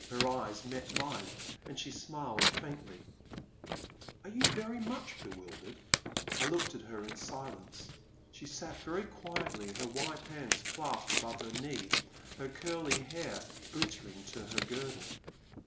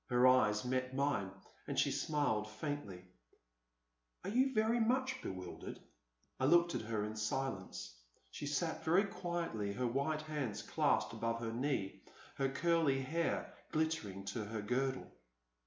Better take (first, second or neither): second